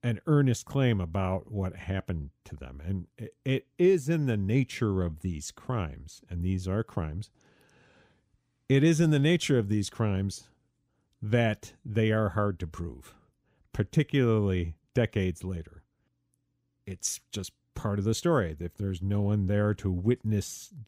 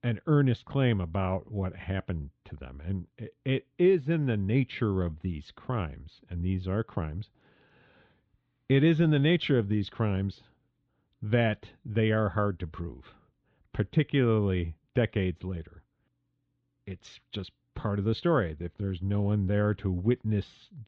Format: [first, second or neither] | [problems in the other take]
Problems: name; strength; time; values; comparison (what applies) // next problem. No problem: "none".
first | muffled; very; fading above 4 kHz